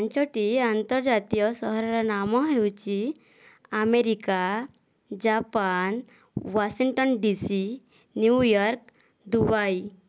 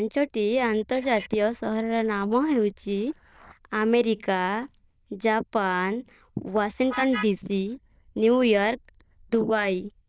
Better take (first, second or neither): first